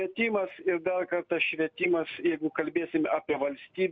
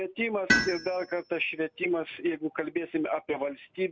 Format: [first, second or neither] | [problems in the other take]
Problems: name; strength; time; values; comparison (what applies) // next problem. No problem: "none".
first | background sound (Tools); 3 dB below the speech